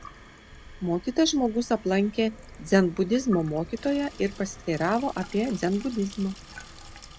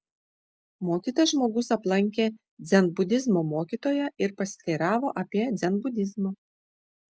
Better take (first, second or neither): second